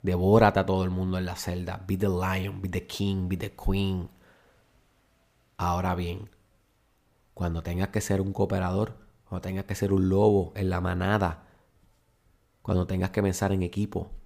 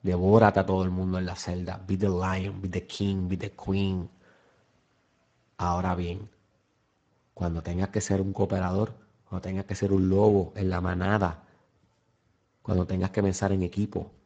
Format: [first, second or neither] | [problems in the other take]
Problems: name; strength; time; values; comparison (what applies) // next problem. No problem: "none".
first | garbled, watery; badly; nothing above 7.5 kHz